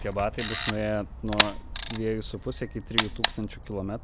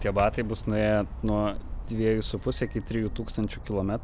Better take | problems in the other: second | background sound (Camera); 2 dB below the speech

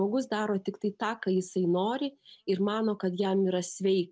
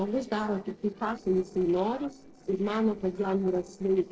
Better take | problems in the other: first | noise reduction (neural separator model SepFormer DNS4)

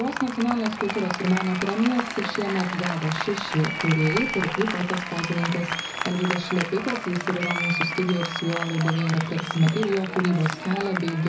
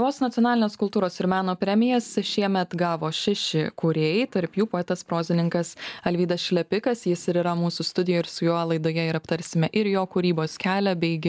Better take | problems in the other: second | background sound (Applause); 5 dB below the speech // room echo; dies away in 0.4 s

